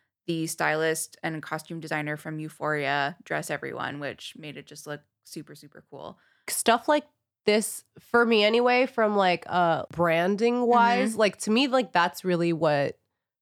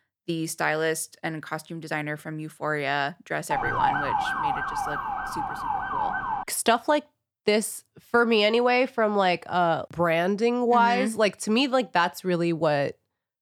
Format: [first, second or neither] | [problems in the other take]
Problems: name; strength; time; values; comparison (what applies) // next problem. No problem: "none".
first | siren; loud; from 3.5 to 6.5 s; peak 1 dB above the speech